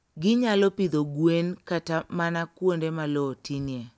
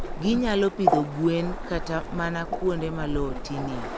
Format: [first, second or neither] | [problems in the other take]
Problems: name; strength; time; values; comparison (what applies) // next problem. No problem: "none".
first | background sound (Waves, surf); 3 dB below the speech